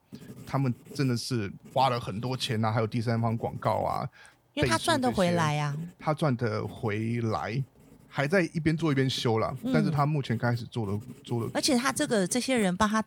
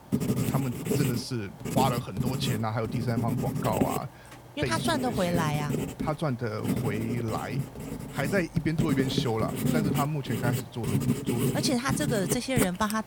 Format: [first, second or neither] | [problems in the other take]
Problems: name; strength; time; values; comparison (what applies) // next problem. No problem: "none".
first | household noises; loud; throughout; 1 dB below the speech; faint in the first